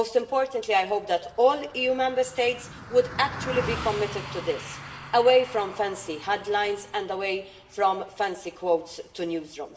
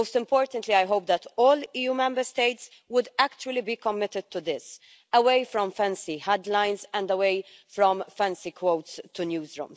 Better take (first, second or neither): second